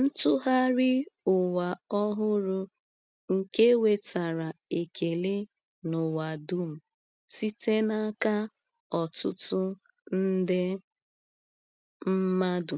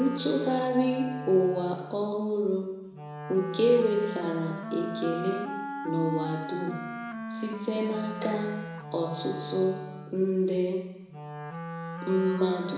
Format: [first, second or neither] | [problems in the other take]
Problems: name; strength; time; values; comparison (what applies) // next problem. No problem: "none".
first | background sound (Wind instrument, woodwind instrument); 9 dB below the speech // room echo; dies away in 0.9 s